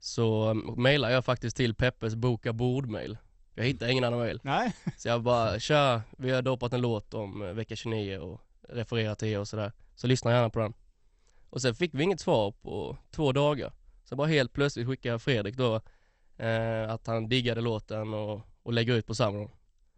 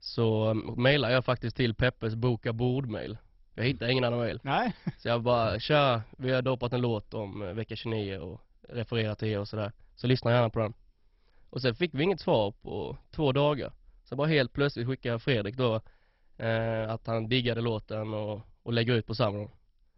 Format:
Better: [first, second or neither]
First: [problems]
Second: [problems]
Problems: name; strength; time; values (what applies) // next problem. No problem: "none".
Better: first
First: garbled, watery; slightly; nothing above 8 kHz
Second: garbled, watery; badly; nothing above 5.5 kHz